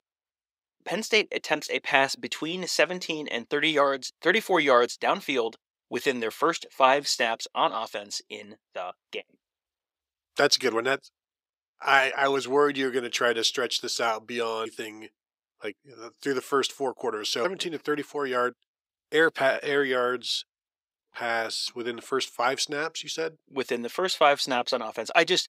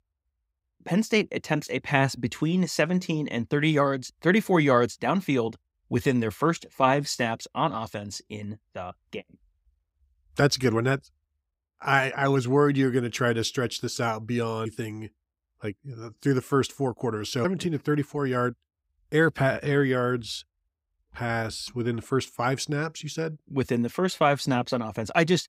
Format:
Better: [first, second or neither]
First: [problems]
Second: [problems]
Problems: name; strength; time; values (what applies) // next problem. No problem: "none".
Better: second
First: thin; somewhat; fading below 500 Hz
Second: none